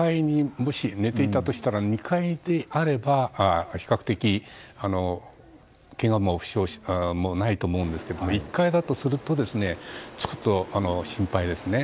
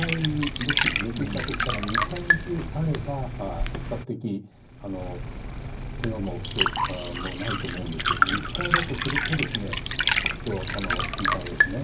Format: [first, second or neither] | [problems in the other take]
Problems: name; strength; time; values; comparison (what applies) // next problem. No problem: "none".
first | background sound (Liquid); 4 dB above the speech // room echo; dies away in 0.4 s